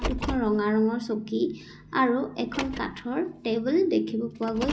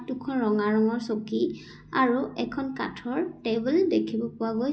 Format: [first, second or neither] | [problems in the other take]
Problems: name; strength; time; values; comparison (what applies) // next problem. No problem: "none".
second | background sound (Car); 11 dB below the speech